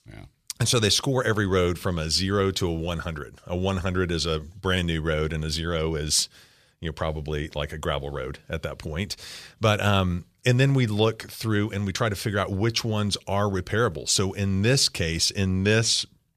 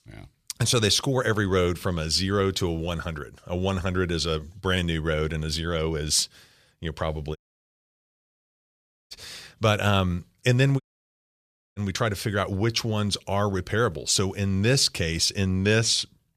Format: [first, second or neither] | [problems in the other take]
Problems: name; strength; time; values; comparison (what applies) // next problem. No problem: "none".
first | audio cutting out; at 7.5 s for 1.5 s and at 11 s for 1 s